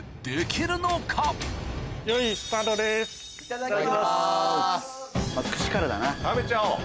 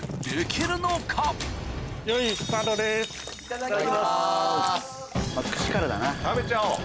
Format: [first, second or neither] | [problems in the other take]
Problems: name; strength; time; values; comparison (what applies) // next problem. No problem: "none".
first | background sound (Wind / Fire + Trickle, dribble / Splash, splatter); 12 dB below the speech